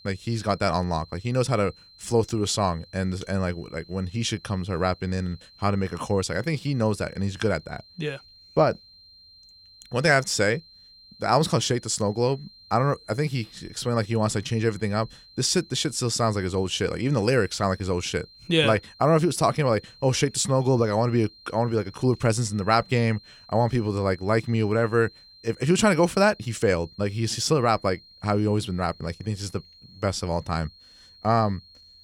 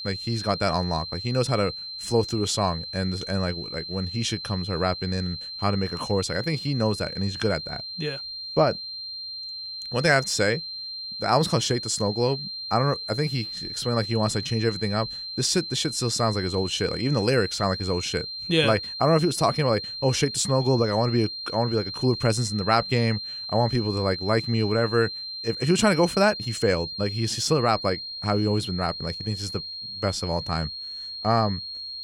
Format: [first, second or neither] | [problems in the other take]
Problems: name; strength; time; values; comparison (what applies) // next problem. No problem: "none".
first | high-pitched whine; loud; throughout; 4 kHz, 7 dB below the speech; faint in the first